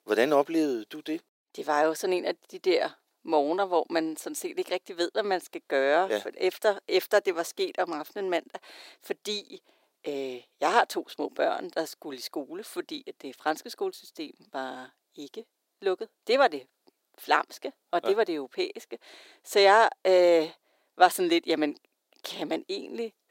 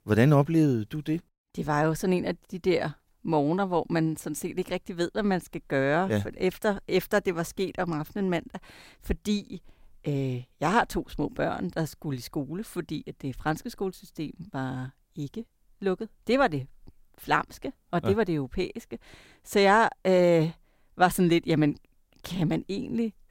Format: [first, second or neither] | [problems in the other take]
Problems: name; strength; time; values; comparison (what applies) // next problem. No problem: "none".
second | thin; very; fading below 350 Hz